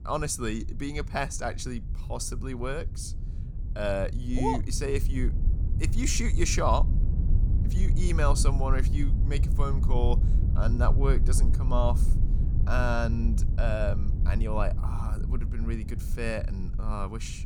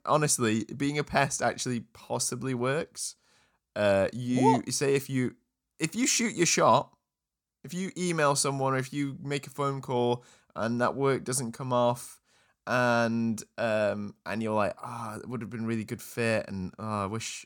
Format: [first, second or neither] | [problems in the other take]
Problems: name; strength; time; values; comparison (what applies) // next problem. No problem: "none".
second | low rumble; noticeable; throughout; 10 dB below the speech